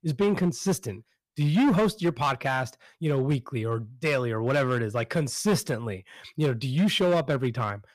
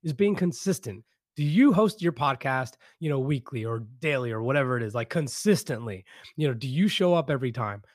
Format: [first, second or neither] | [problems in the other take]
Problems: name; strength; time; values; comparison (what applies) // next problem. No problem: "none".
second | distortion; slight; 7% of the sound clipped